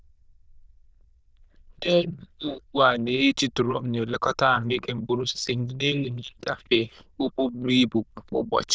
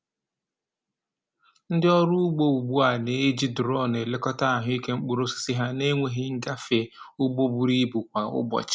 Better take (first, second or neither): second